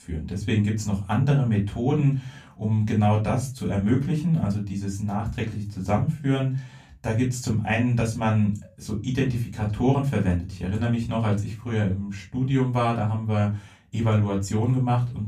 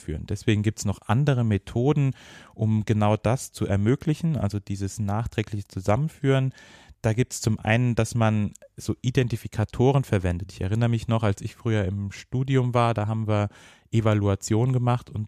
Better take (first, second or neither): second